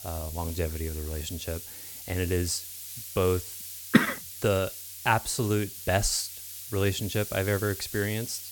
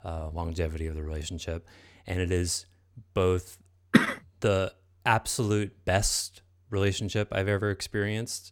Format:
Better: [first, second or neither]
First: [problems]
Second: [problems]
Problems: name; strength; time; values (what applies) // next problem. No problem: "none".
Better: second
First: hiss; loud; throughout; 9 dB below the speech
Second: none